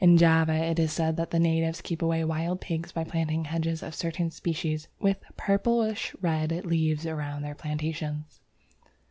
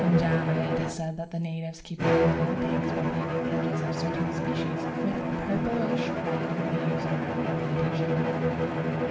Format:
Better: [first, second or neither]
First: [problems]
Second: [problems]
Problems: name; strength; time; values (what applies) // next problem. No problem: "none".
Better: first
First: none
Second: background sound (Bowed string instrument); 5 dB above the speech // room echo; dies away in 0.6 s